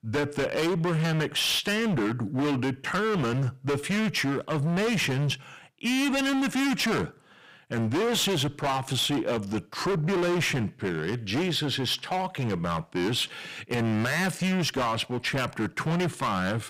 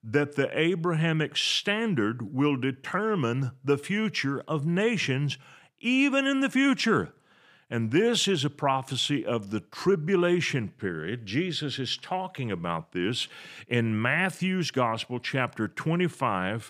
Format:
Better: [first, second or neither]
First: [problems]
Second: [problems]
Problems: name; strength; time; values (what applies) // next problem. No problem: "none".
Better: second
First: distortion; heavy; 28% of the sound clipped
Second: none